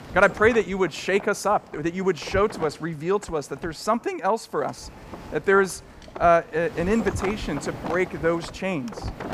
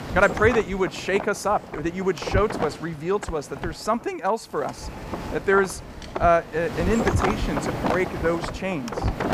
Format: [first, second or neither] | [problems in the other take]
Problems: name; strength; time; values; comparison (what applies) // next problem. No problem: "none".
first | wind noise on the microphone; heavy; 7 dB below the speech; occasional gusts in the first